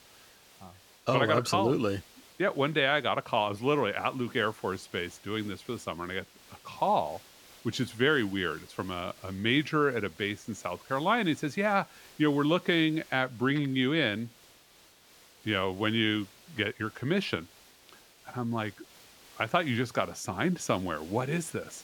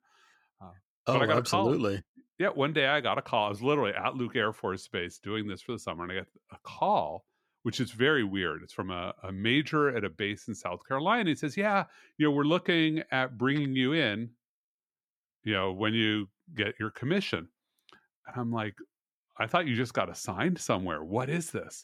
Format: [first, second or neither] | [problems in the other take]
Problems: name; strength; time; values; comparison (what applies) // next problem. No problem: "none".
second | hiss; faint; throughout; 25 dB below the speech